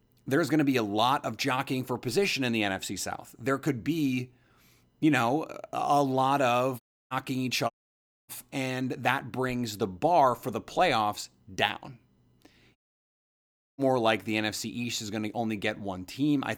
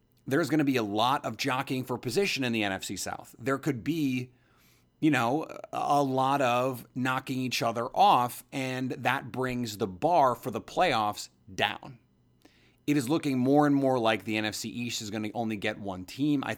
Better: second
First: audio cutting out; at 7 s, at 7.5 s for 0.5 s and at 13 s for 1 s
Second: none

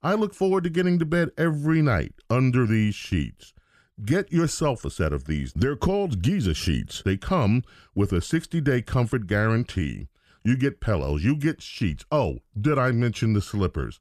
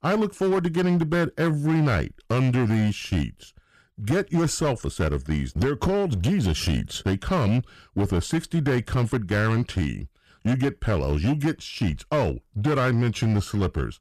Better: first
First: none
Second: distortion; slight; 15% of the sound clipped

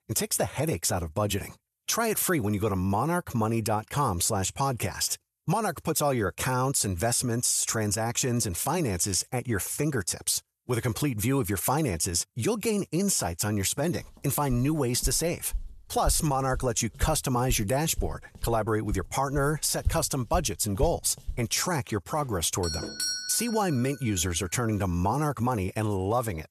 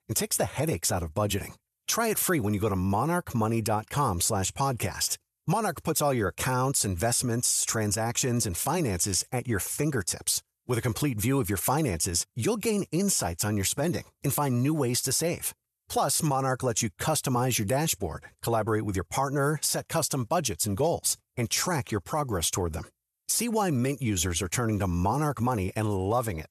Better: second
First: footsteps; noticeable; from 15 to 21 s; peak 7 dB below the speech // doorbell; noticeable; from 23 to 24 s; peak 2 dB below the speech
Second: none

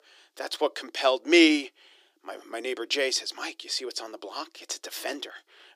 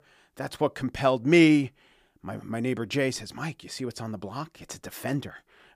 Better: second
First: thin; somewhat; fading below 300 Hz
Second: none

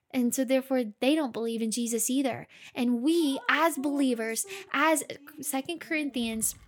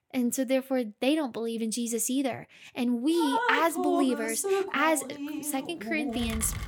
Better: first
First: rain or running water; faint; from 3.5 s on; 25 dB below the speech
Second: rain or running water; loud; from 3.5 s on; 4 dB below the speech

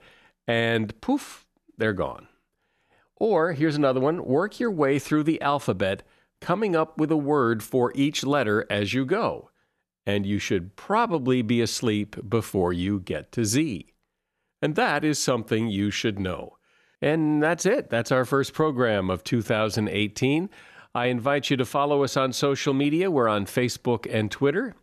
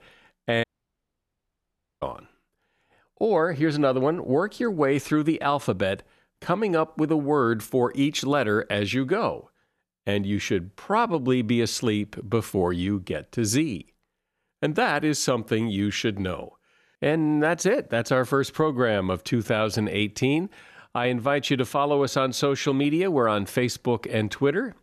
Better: first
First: none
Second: audio cutting out; at 0.5 s for 1.5 s

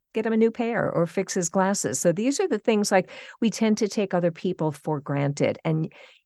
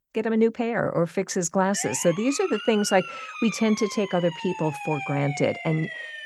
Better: first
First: none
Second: siren; noticeable; from 1.5 s on; peak 8 dB below the speech

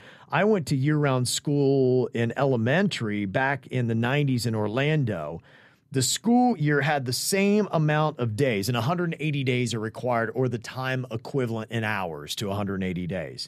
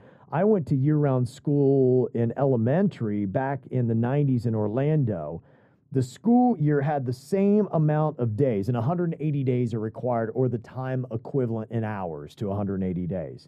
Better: first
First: none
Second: muffled; very; fading above 1.5 kHz

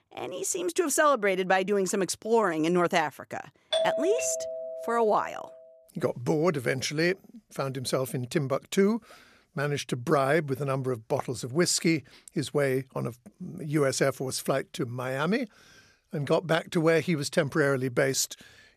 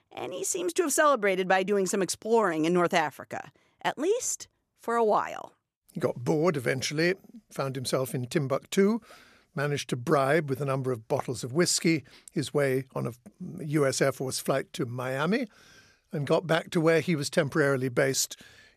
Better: second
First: doorbell; loud; from 3.5 to 5 s; peak level with the speech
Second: none

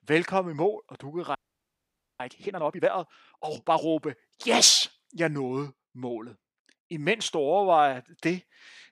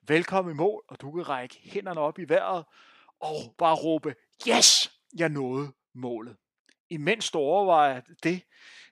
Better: second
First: audio freezing; at 1.5 s for 1 s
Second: none

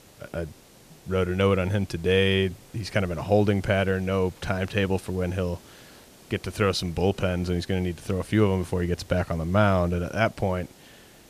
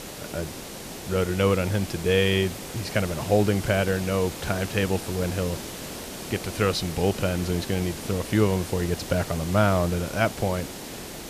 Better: first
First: hiss; faint; throughout; 25 dB below the speech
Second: hiss; loud; throughout; 10 dB below the speech

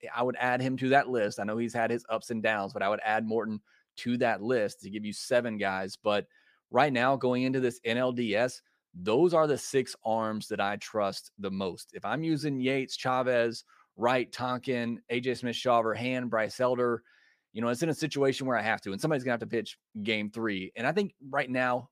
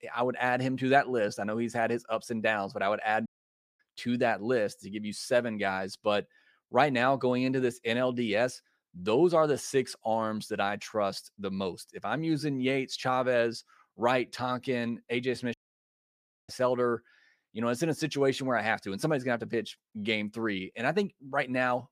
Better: first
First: none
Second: audio cutting out; at 3.5 s for 0.5 s and at 16 s for 1 s

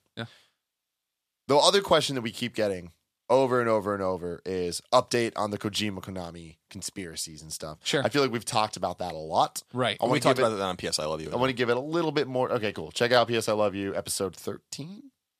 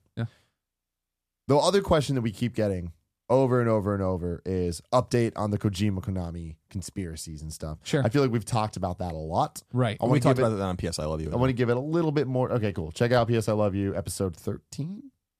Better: second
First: thin; somewhat; fading below 1 kHz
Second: none

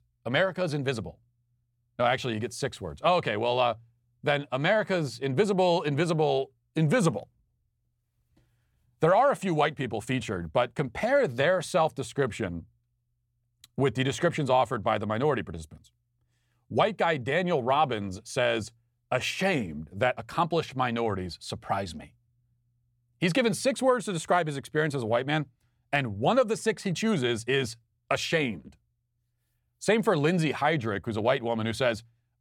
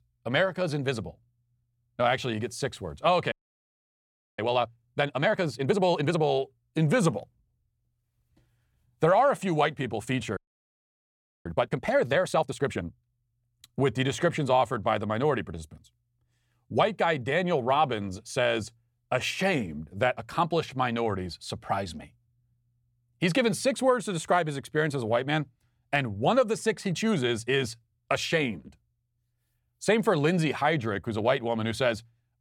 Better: first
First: none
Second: audio freezing; at 3.5 s for 1 s and at 10 s for 1 s

